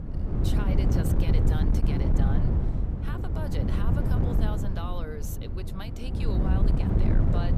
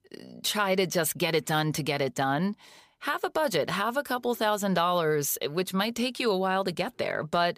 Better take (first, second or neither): second